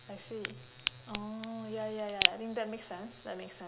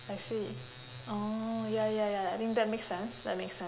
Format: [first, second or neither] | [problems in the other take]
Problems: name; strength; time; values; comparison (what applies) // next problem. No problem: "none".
second | background sound (Crack); 4 dB above the speech